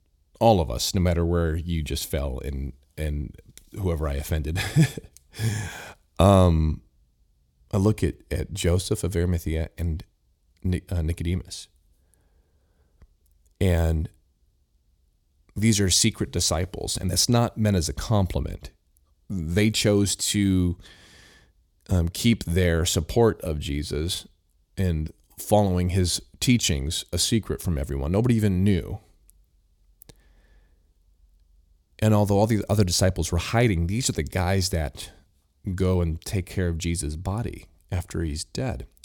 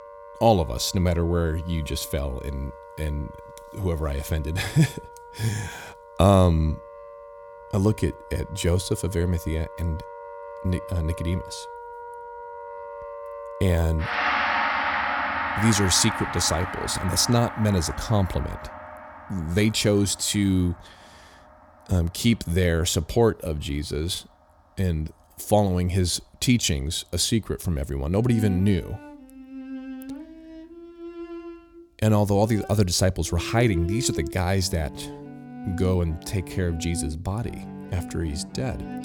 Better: first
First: none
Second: background music; loud; throughout; 9 dB below the speech

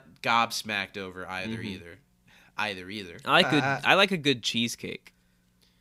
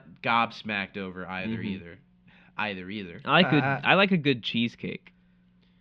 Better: first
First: none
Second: muffled; slightly; fading above 3 kHz

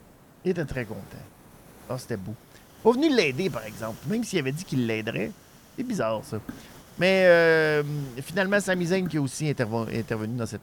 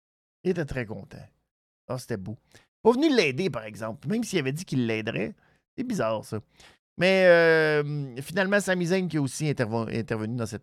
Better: second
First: hiss; faint; throughout; 20 dB below the speech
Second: none

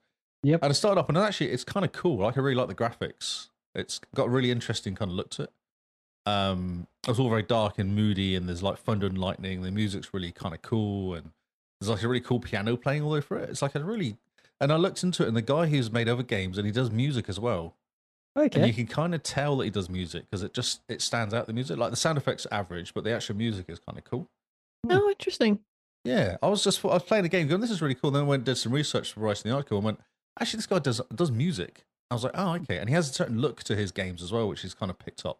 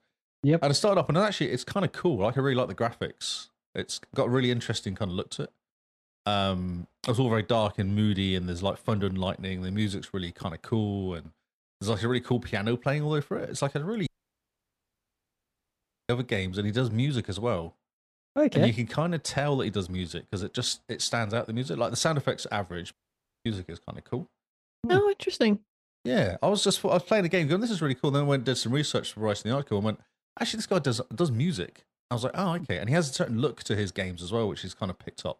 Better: first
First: none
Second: audio cutting out; at 14 s for 2 s and at 23 s for 0.5 s

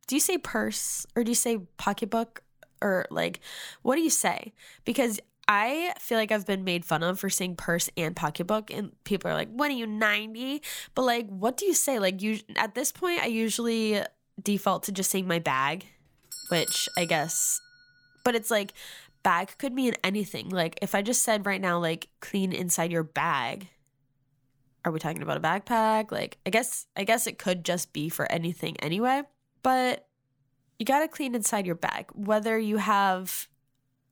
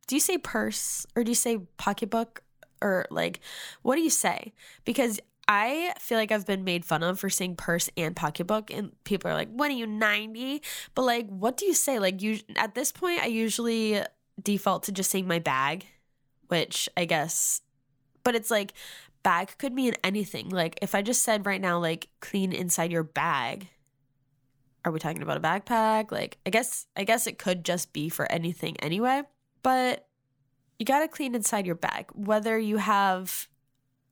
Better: second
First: doorbell; noticeable; at 16 s; peak 3 dB below the speech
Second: none

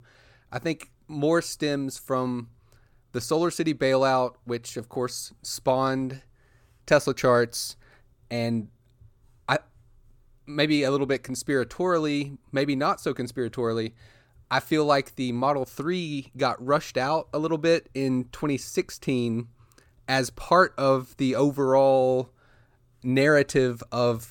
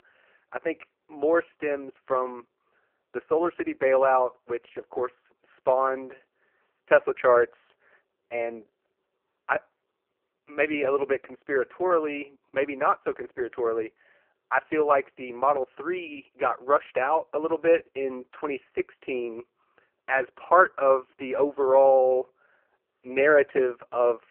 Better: first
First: none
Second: phone-call audio; poor line

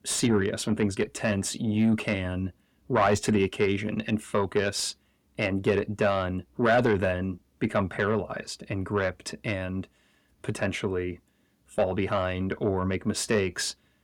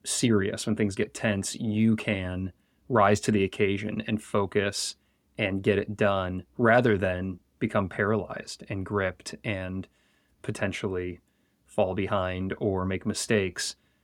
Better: second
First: distortion; slight; 10 dB below the speech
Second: none

